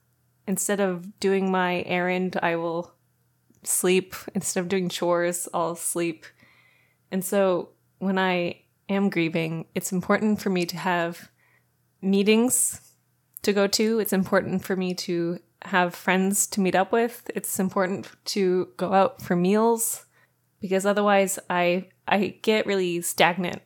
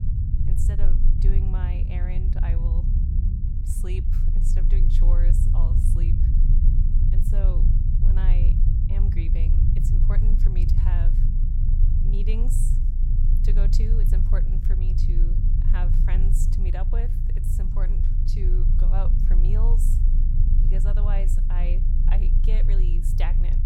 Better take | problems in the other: first | low rumble; loud; throughout; as loud as the speech

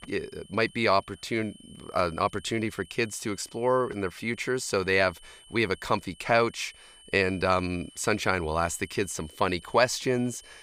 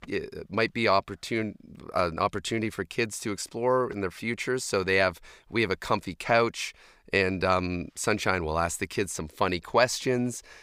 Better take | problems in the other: second | high-pitched whine; faint; throughout; 3 kHz, 25 dB below the speech

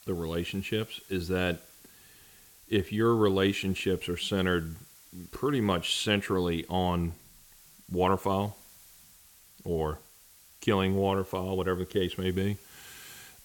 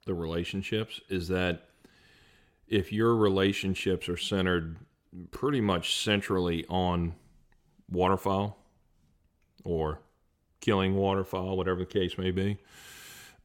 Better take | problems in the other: second | hiss; faint; throughout; 25 dB below the speech

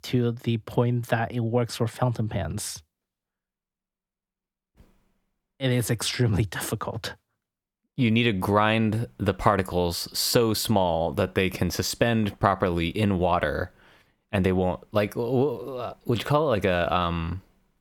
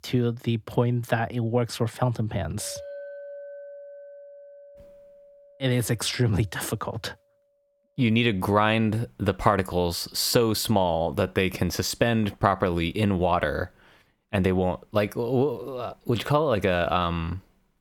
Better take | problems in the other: first | clattering dishes; faint; from 2.5 to 6 s; peak 15 dB below the speech

